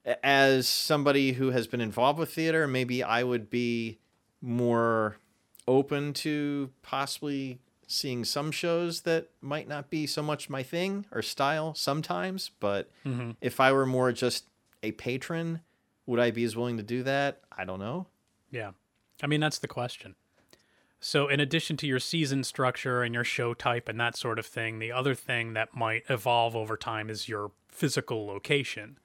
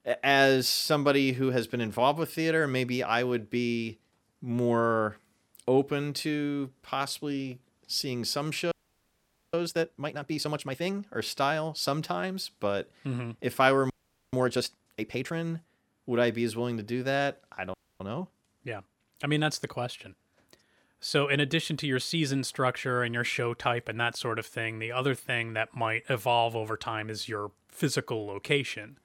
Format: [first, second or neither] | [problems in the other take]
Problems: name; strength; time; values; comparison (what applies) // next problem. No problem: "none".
first | audio freezing; at 8.5 s for 1 s, at 14 s and at 18 s